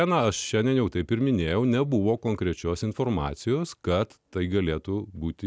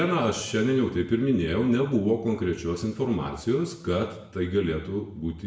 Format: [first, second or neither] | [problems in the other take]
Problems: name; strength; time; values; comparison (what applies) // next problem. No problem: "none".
first | room echo; dies away in 0.8 s